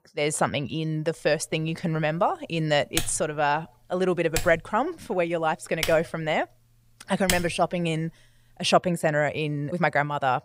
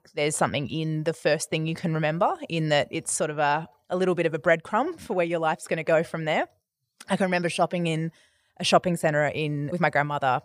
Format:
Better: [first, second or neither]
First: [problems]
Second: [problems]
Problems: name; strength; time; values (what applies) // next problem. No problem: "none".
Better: second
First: keyboard typing; noticeable; from 3 to 7.5 s; peak 3 dB below the speech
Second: none